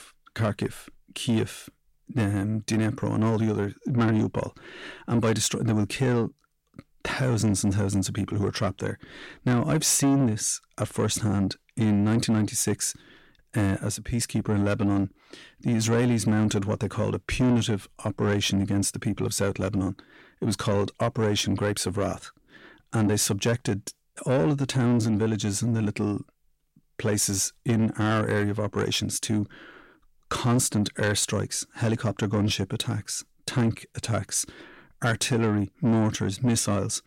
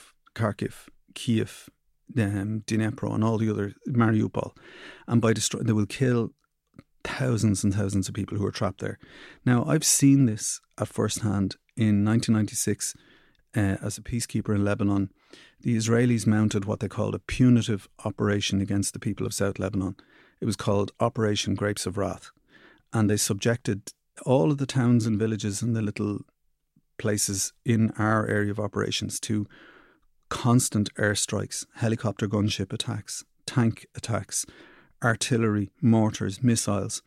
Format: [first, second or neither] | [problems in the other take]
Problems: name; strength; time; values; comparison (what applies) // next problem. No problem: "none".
second | distortion; slight; 10 dB below the speech